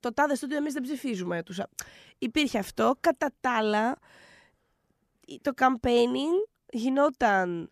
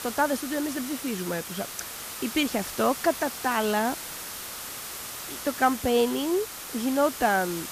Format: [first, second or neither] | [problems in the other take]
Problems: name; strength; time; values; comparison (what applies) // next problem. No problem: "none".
first | hiss; loud; throughout; 8 dB below the speech